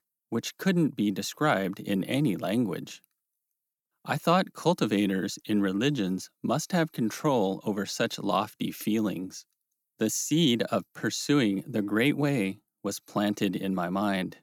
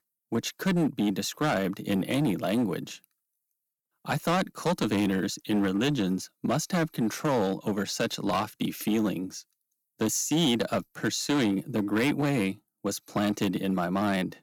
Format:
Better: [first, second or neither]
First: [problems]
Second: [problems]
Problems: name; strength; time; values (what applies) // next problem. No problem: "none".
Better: first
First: none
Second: distortion; slight; 9% of the sound clipped